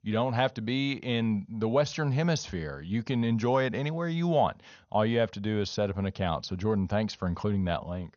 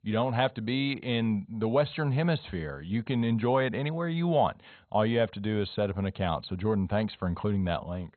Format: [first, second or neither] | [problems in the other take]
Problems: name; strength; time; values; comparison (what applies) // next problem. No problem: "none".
first | garbled, watery; badly; nothing above 4 kHz; slightly in the first